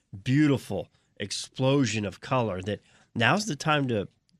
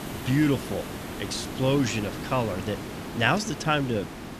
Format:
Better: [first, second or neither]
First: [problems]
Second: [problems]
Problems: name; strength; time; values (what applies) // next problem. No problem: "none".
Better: first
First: none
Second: hiss; loud; throughout; 9 dB below the speech